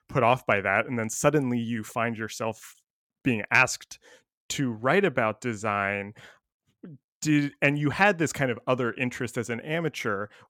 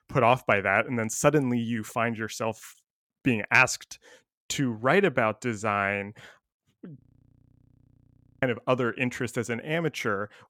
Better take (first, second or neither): first